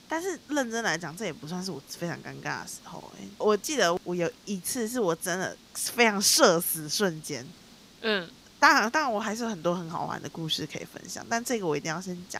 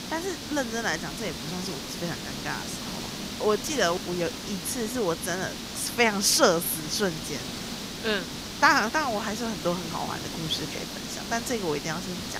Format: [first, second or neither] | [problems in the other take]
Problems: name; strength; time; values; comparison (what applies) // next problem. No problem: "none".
first | hiss; loud; throughout; 7 dB below the speech; faint in the first